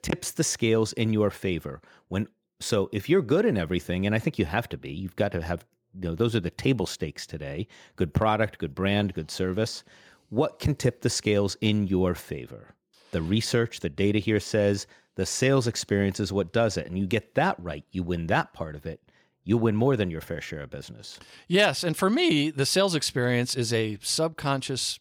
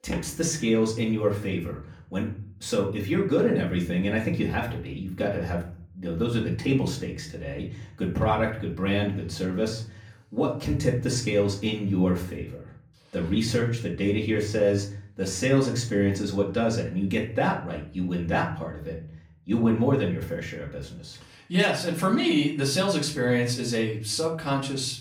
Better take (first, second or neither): first